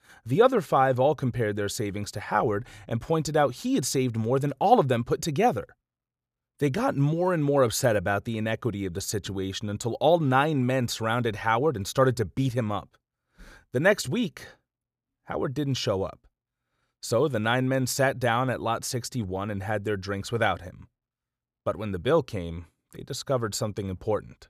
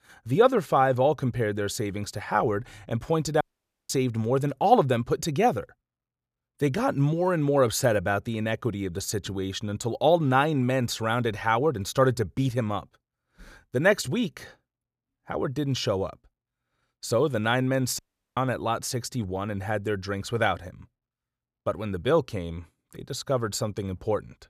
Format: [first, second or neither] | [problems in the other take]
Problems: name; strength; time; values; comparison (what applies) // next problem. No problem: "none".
first | audio cutting out; at 3.5 s and at 18 s